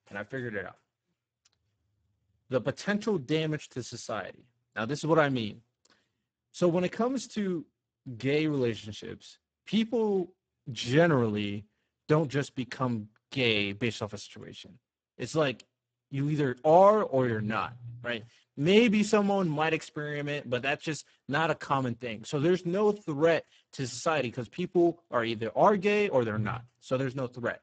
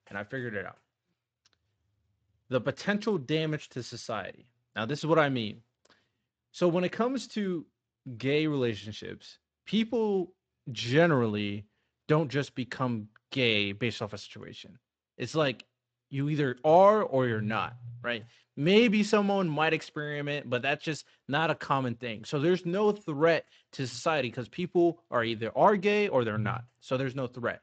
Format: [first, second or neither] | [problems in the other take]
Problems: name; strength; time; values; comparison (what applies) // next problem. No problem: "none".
second | garbled, watery; badly; nothing above 8 kHz; slightly in the second